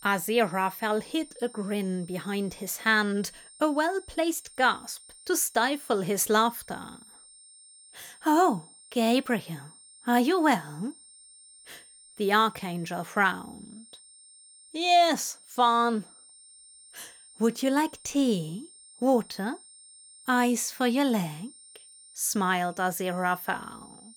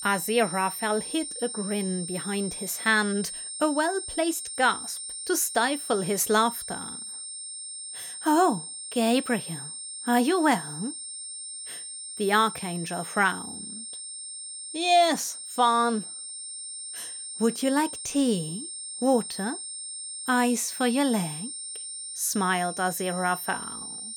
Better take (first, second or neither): first